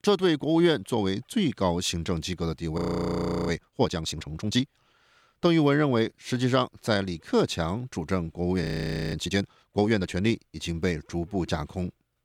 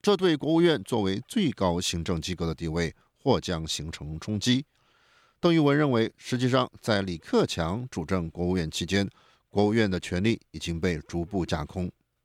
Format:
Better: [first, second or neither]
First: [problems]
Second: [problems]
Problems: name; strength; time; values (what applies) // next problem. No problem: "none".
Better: second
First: audio freezing; at 3 s for 0.5 s and at 8.5 s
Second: none